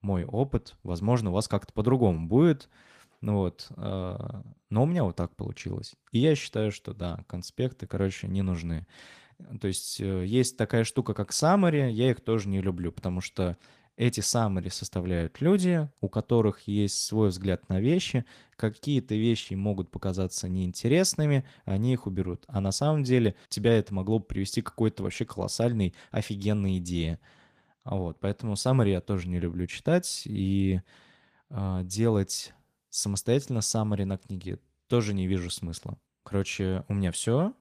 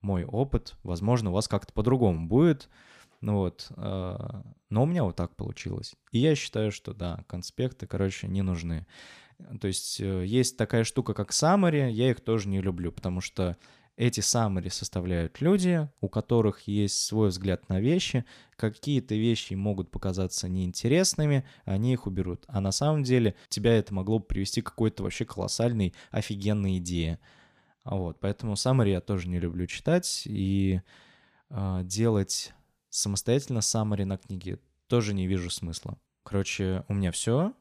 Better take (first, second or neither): second